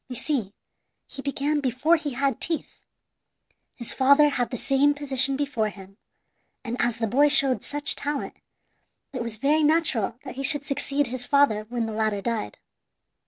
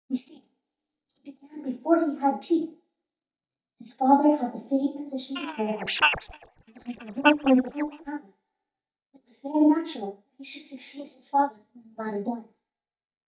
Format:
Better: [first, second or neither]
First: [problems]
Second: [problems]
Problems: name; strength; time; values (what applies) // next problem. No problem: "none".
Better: first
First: none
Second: noise reduction (neural mask model DeepFilterNet 3)